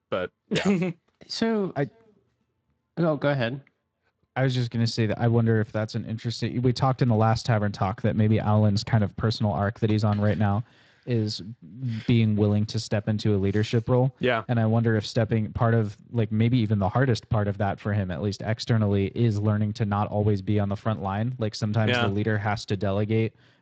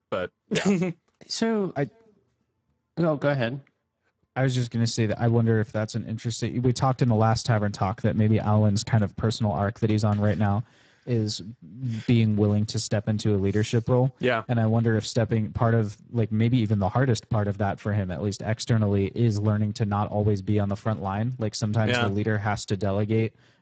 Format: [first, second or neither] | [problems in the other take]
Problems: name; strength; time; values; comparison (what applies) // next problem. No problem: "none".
first | garbled, watery; badly; nothing above 8 kHz; slightly in the first